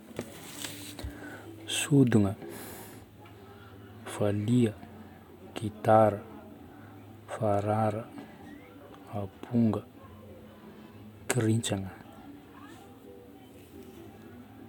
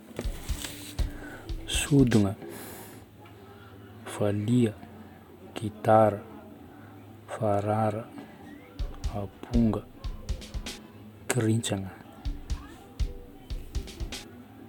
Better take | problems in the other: first | background sound (Drum kit); 5 dB below the speech

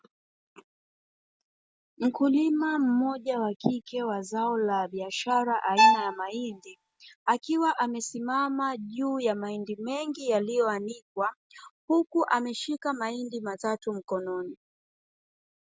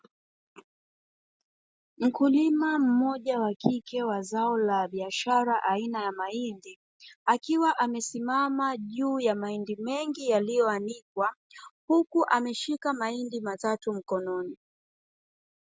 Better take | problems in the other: second | background sound (Bowed string instrument); 4 dB above the speech

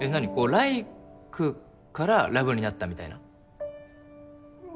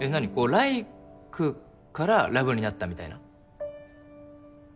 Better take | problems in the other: second | background sound (Dog); 18 dB below the speech

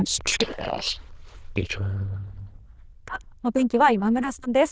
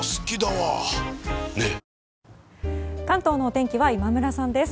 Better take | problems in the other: second | noise reduction (neural diffusion model UNIVERSE++)

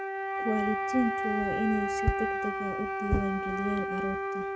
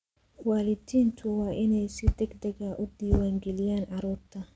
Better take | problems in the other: second | background sound (Wind instrument, woodwind instrument); as loud as the speech

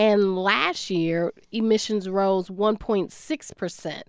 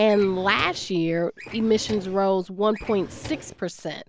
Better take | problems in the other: first | background sound (Drawer open or close); 17 dB below the speech

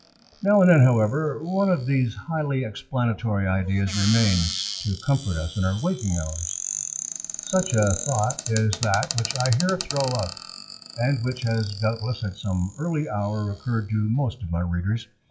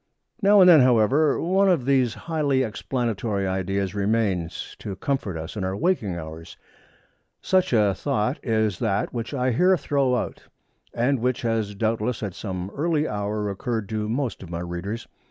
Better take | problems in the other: second | noise reduction (classical method WPE with log-MMSE)

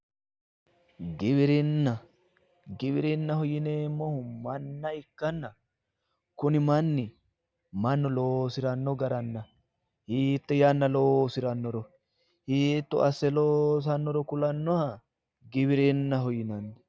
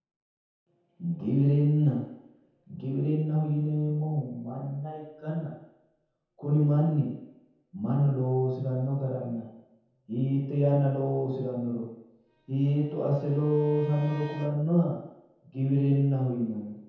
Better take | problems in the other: first | background sound (Bowed string instrument); 20 dB below the speech // room echo; dies away in 0.9 s

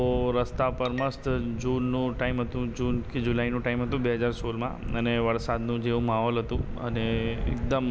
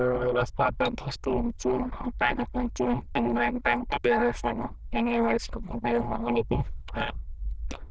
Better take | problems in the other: first | noise reduction (neural diffusion model UNIVERSE++)

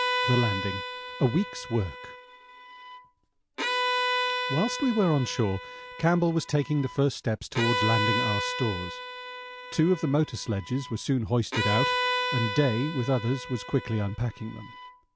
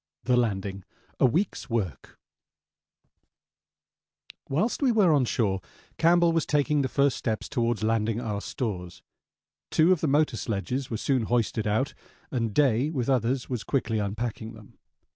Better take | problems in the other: second | background sound (Bowed string instrument); 4 dB below the speech

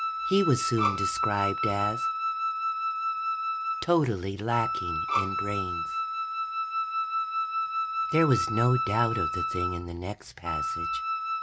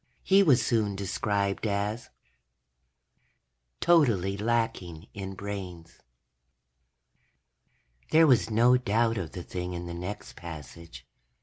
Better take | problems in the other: second | background sound (Wind instrument, woodwind instrument + Bowed string instrument); 1 dB above the speech

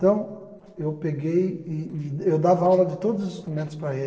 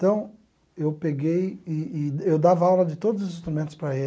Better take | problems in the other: second | noise reduction (neural separator model SepFormer DNS4)

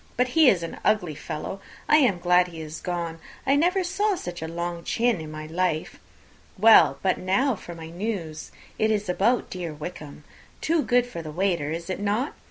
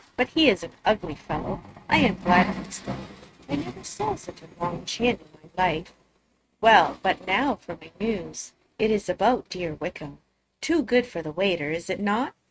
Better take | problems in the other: first | noise reduction (neural mask model RNNoise)

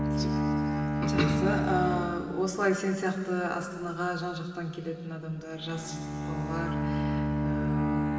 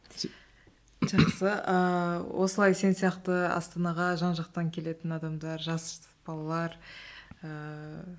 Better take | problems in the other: second | background sound (Bowed string instrument); 1 dB above the speech // room echo; dies away in 2.7 s

